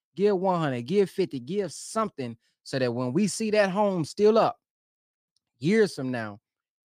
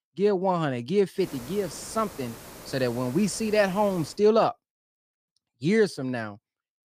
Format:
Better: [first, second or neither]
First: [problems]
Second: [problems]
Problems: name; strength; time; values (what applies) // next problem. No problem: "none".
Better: first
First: none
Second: hiss; noticeable; from 1 to 4 s; 15 dB below the speech